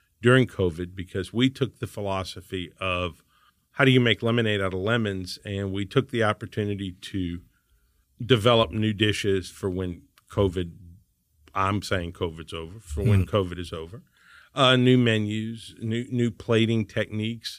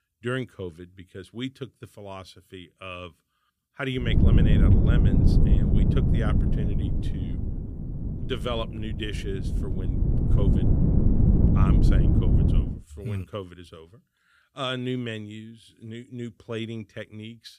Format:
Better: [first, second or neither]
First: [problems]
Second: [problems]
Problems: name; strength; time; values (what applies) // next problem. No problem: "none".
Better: first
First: none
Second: wind noise on the microphone; heavy; from 4 to 13 s; 2 dB above the speech